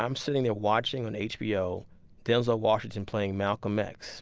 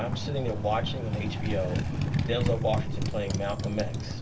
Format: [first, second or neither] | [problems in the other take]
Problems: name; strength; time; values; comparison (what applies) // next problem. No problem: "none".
first | background sound (Motorcycle); as loud as the speech // room echo; dies away in 0.2 s